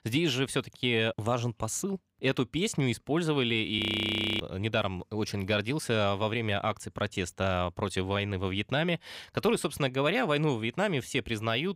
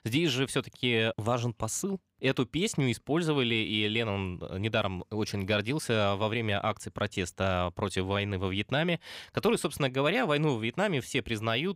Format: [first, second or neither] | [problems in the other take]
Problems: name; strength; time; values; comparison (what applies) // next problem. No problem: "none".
second | audio freezing; at 4 s for 0.5 s